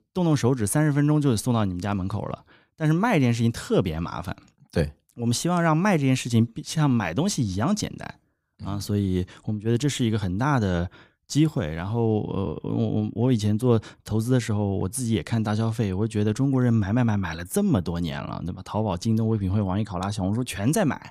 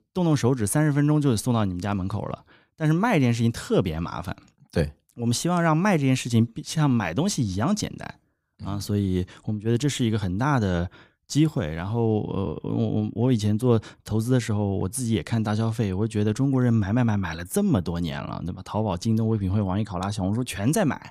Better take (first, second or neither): neither